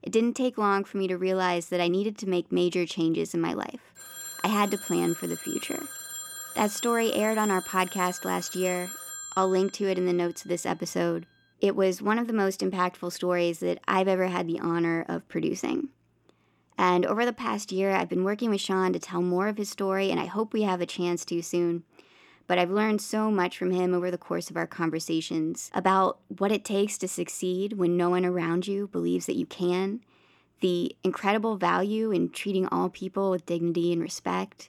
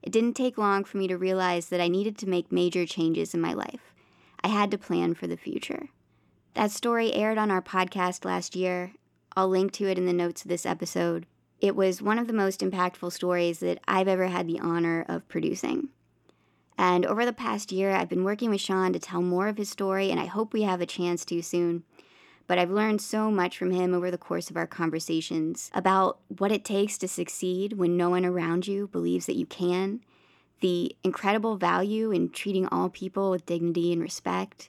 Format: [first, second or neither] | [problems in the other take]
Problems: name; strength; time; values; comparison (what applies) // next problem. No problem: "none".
second | phone ringing; noticeable; from 4 to 10 s; peak 8 dB below the speech